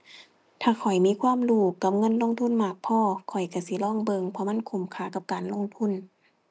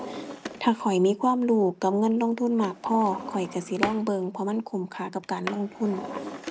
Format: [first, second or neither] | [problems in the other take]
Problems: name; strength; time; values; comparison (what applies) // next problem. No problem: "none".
first | background sound (Drawer open or close); 12 dB below the speech